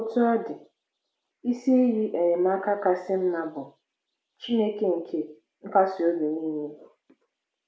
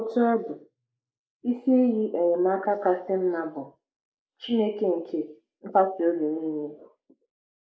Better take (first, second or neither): first